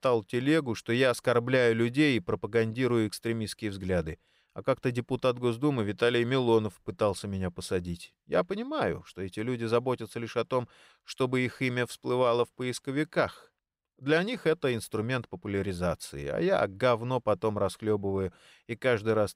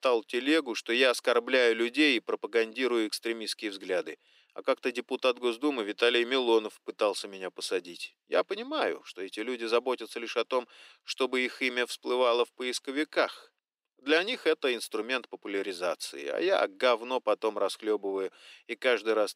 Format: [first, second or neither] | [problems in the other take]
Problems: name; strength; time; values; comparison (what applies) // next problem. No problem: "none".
first | thin; somewhat; fading below 250 Hz